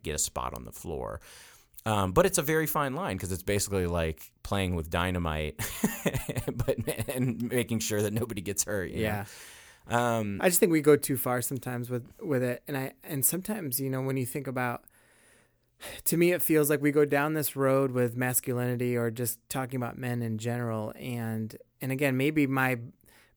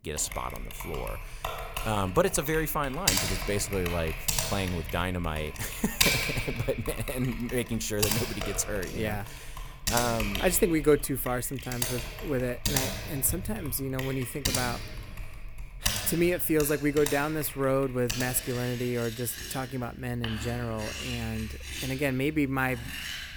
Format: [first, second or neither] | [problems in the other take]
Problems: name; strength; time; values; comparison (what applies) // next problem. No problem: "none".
first | household noises; loud; throughout; 3 dB below the speech